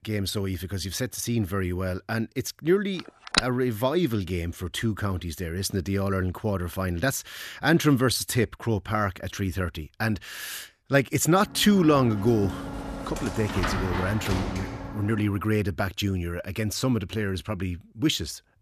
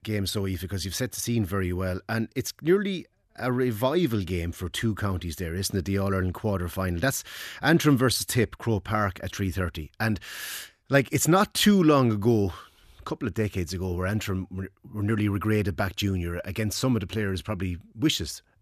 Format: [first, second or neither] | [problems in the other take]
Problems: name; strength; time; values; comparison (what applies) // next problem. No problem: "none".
second | phone ringing; loud; at 3 s; peak 1 dB above the speech // door banging; noticeable; from 12 to 15 s; peak 2 dB below the speech